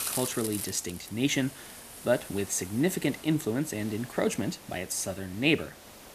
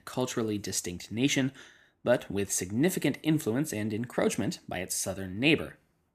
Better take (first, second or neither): second